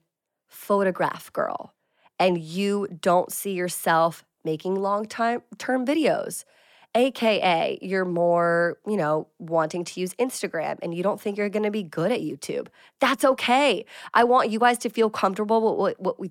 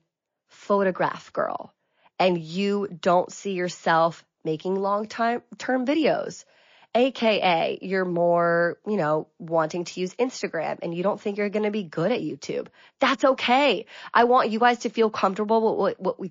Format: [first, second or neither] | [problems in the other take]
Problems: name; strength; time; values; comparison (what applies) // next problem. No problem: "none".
first | garbled, watery; slightly; nothing above 6.5 kHz